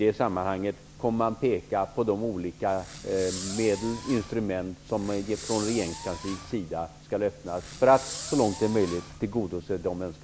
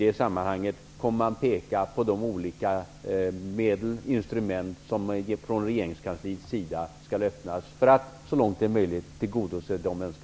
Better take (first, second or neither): second